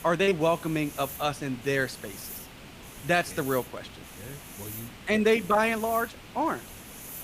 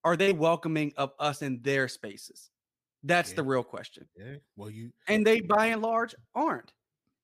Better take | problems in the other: second | hiss; noticeable; throughout; 15 dB below the speech

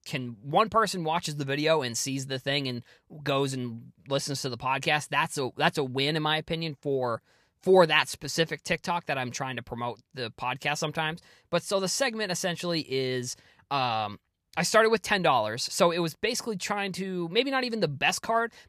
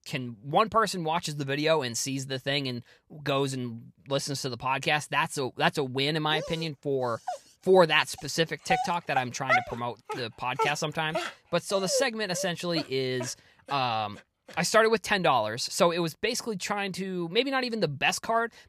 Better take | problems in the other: first | dog barking; loud; from 6.5 to 14 s; peak 2 dB above the speech

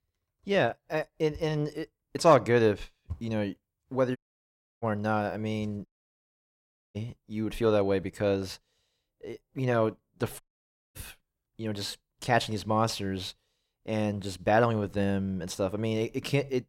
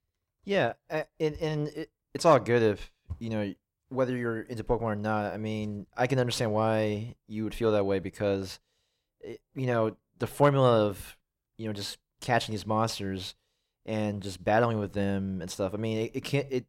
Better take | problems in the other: second | audio cutting out; at 4 s for 0.5 s, at 6 s for 1 s and at 10 s for 0.5 s

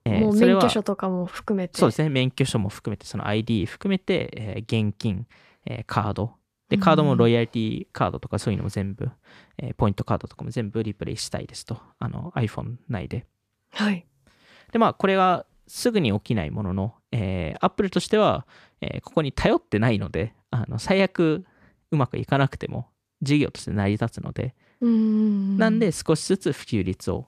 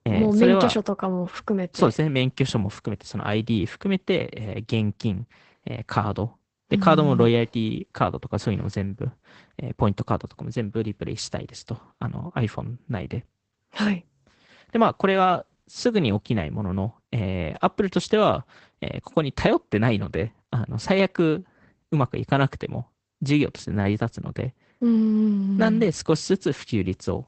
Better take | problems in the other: first | garbled, watery; badly; nothing above 8 kHz

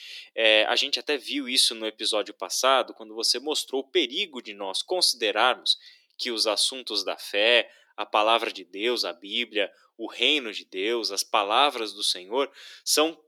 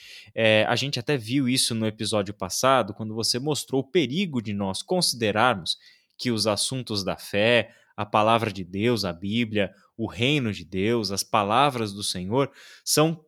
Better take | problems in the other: second | thin; somewhat; fading below 300 Hz

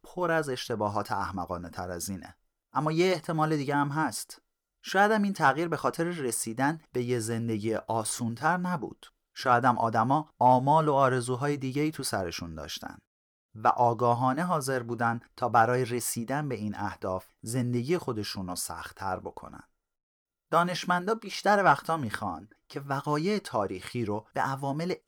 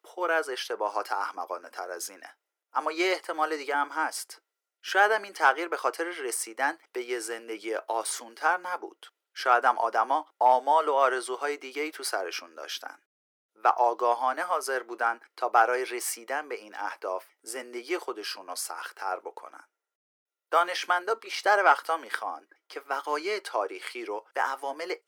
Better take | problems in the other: first | thin; very; fading below 350 Hz

